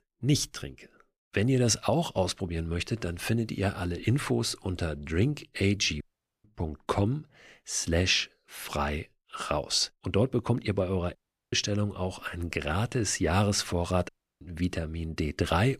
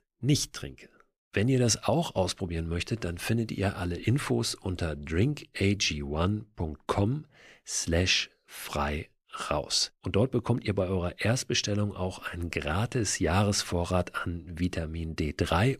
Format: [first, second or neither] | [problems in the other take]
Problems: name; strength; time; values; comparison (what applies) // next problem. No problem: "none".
second | audio cutting out; at 6 s, at 11 s and at 14 s